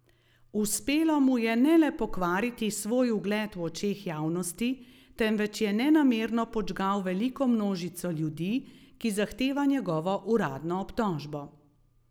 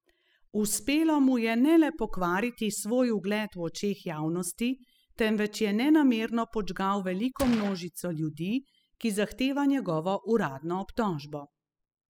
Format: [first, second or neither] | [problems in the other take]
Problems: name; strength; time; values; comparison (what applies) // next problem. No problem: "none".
first | noise reduction (classical method spectral subtraction)